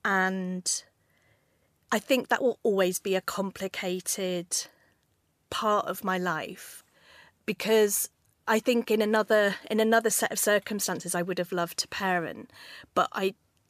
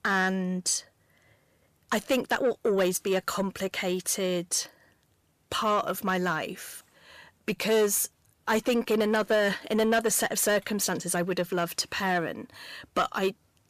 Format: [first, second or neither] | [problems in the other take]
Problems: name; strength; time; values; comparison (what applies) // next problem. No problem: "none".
first | distortion; slight; 10 dB below the speech